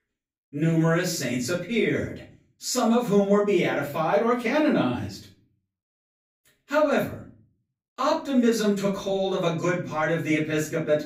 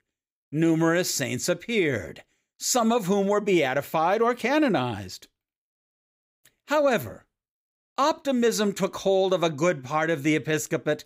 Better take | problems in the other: second | off-mic speech; far // room echo; slight; dies away in 0.4 s

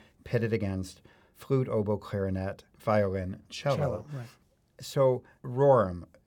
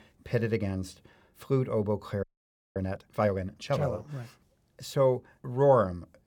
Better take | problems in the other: first | audio freezing; at 2 s for 0.5 s

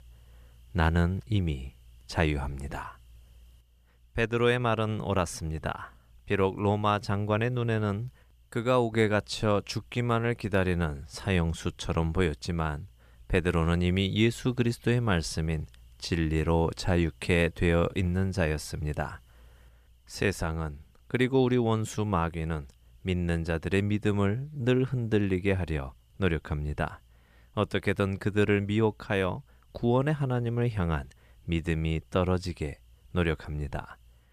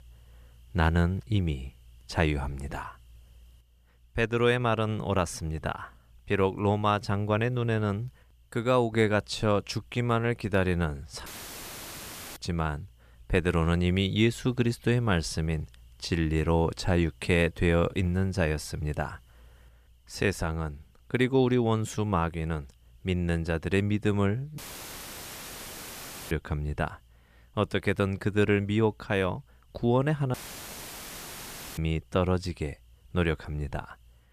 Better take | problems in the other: first | audio cutting out; filled with static; at 11 s for 1 s, at 25 s for 1.5 s and at 30 s for 1.5 s

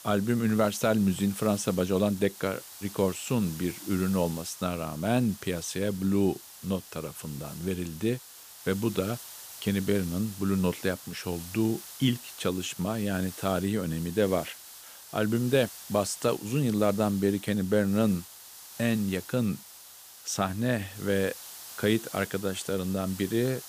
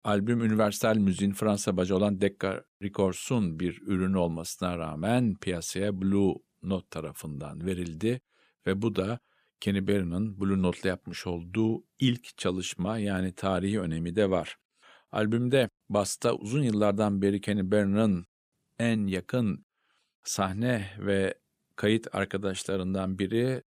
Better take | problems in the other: second | hiss; noticeable; throughout; 15 dB below the speech

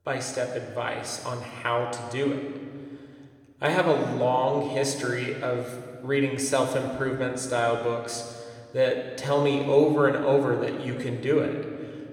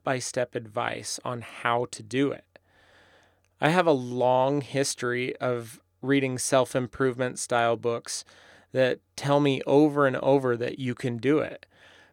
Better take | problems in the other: second | room echo; noticeable; dies away in 1.6 s

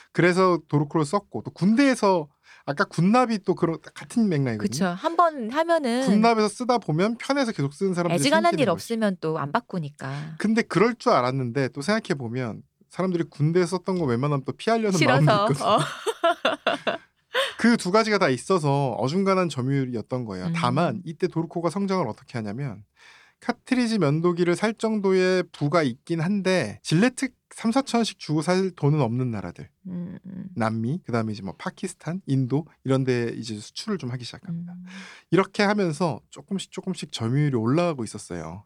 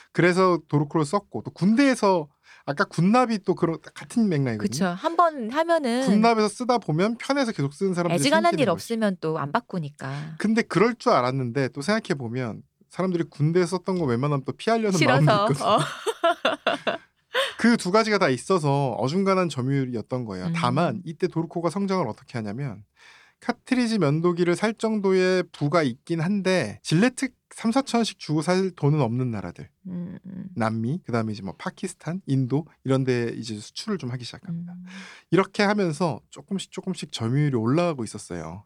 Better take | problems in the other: neither | none

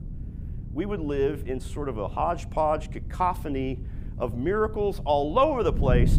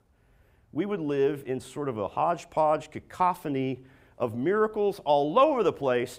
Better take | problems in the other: second | wind noise on the microphone; occasional gusts; 20 dB below the speech

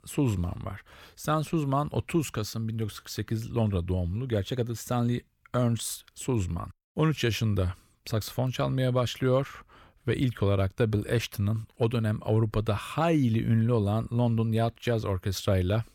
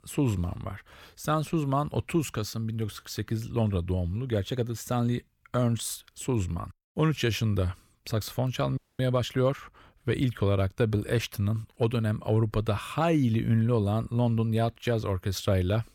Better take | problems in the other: first | audio freezing; at 9 s

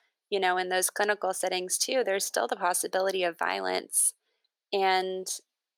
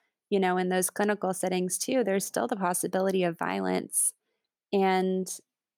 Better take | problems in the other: second | thin; very; fading below 500 Hz

